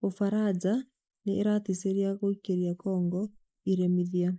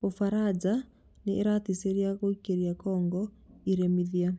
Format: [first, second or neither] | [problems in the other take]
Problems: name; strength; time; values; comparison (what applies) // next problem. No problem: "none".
second | noise reduction (neural mask model Resemble Enhance denoiser)